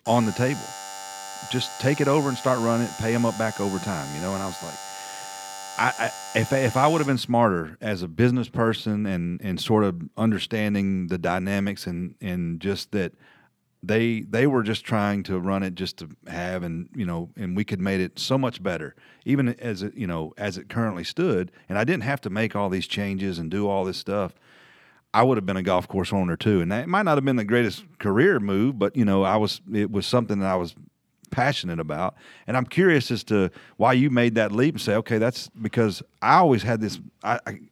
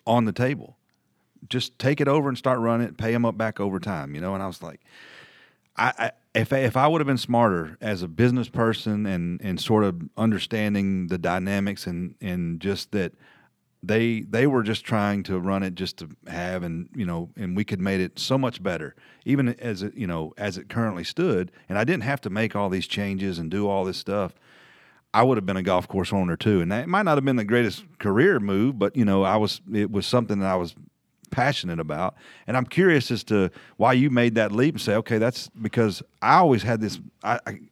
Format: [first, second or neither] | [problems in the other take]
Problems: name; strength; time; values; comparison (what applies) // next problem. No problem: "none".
second | alarm; faint; until 7 s; peak 10 dB below the speech